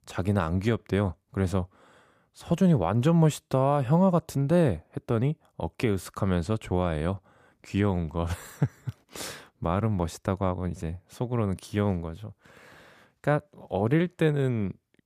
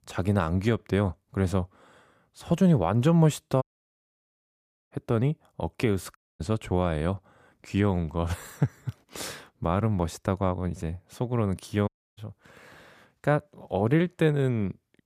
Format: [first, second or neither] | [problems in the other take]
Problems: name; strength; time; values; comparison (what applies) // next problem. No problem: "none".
first | audio cutting out; at 3.5 s for 1.5 s, at 6 s and at 12 s